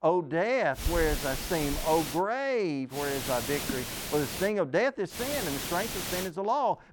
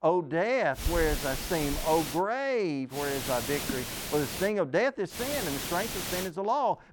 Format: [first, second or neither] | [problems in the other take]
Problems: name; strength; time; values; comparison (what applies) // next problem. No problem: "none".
neither | hiss; loud; from 1 to 2 s, from 3 to 4.5 s and from 5 to 6.5 s; 4 dB below the speech; the same in both